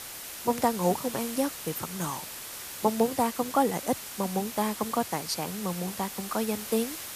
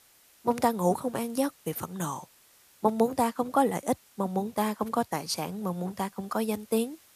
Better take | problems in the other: second | hiss; loud; throughout; 7 dB below the speech; faint in the second

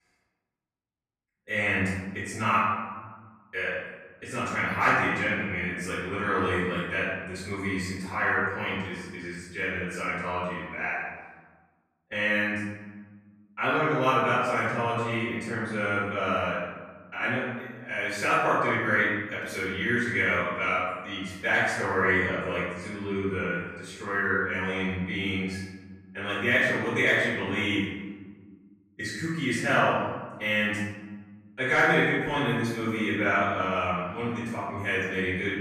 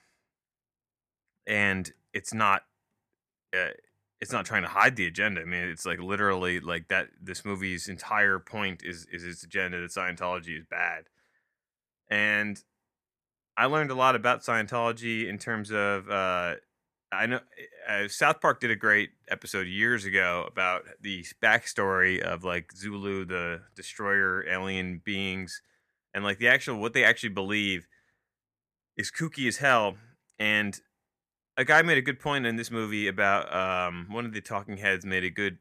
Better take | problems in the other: second | off-mic speech; far // room echo; strong; dies away in 1.3 s

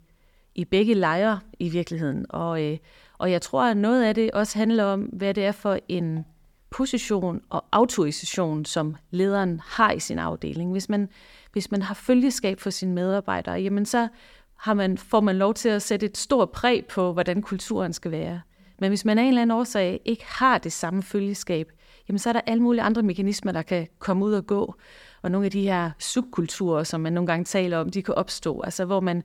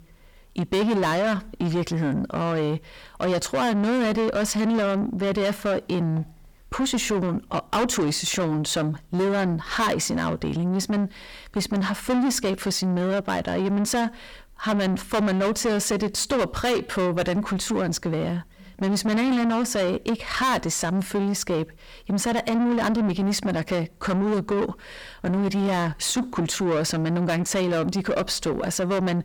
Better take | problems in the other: first | distortion; heavy; 6 dB below the speech

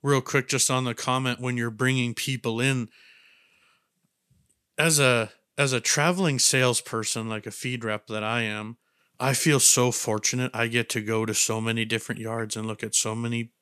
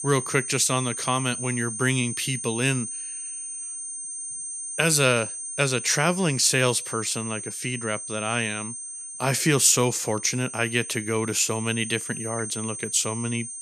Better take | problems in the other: first | high-pitched whine; loud; throughout; 8.5 kHz, 8 dB below the speech

